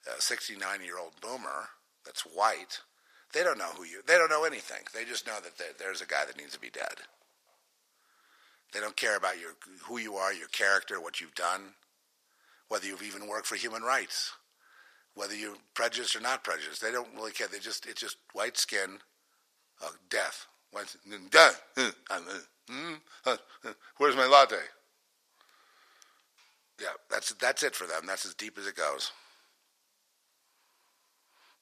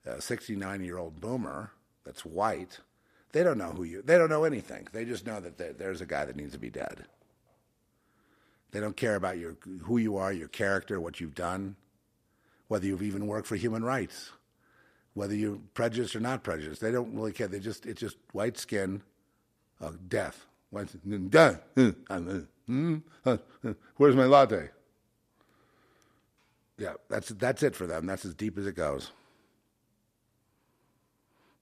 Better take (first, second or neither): second